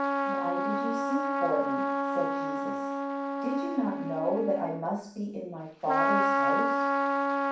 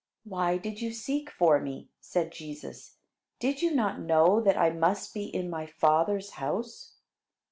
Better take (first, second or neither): second